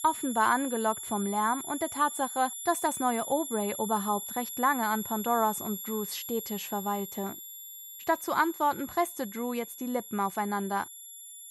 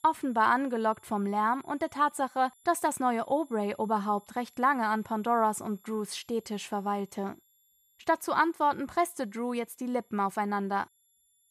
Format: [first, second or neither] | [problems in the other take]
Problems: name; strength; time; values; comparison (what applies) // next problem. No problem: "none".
second | high-pitched whine; loud; throughout; 11 kHz, 8 dB below the speech; faint in the second